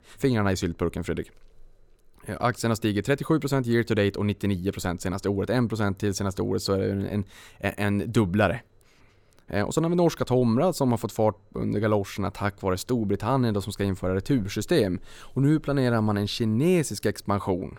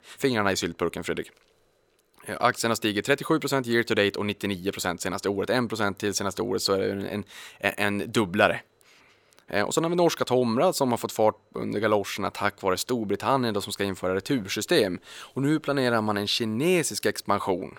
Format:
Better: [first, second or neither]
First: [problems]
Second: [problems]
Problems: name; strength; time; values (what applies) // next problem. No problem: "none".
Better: first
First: none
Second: thin; very slightly; fading below 500 Hz